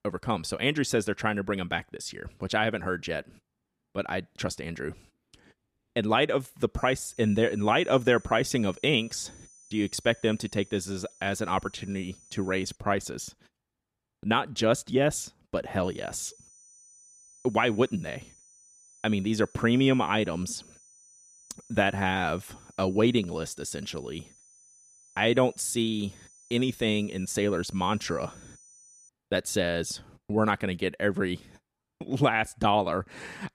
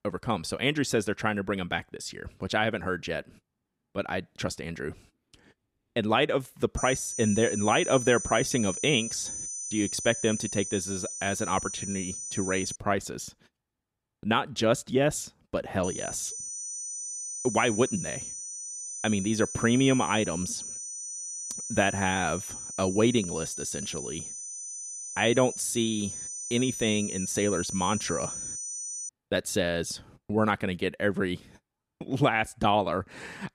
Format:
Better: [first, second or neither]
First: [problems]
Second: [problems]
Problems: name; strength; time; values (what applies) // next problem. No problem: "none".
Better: first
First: high-pitched whine; faint; from 7 to 13 s and from 16 to 29 s; 6 kHz, 25 dB below the speech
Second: high-pitched whine; loud; from 7 to 13 s and from 16 to 29 s; 6 kHz, 6 dB below the speech